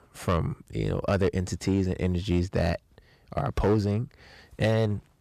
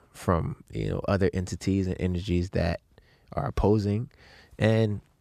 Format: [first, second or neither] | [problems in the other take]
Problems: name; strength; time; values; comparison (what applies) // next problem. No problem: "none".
second | distortion; slight; 7% of the sound clipped